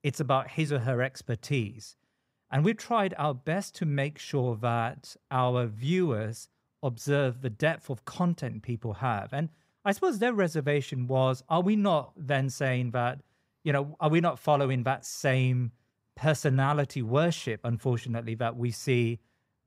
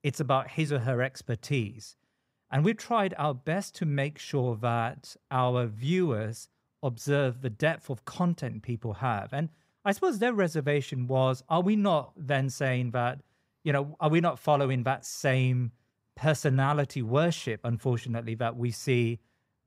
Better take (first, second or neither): neither